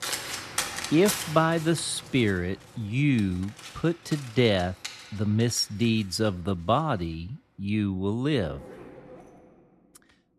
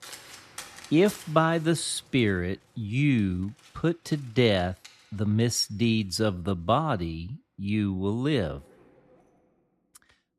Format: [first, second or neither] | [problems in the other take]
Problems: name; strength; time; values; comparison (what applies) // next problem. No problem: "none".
second | household noises; loud; throughout; 10 dB below the speech; faint in the second